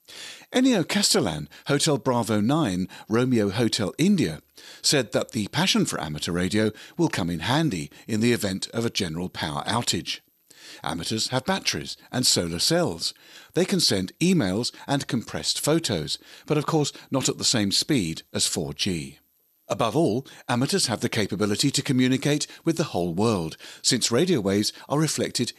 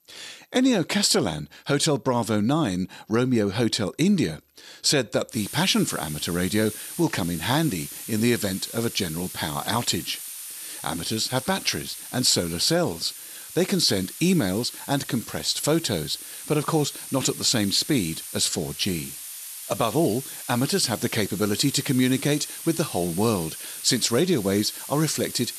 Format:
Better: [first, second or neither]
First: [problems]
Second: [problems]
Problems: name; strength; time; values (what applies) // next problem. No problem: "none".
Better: first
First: none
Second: hiss; noticeable; from 5.5 s on; 10 dB below the speech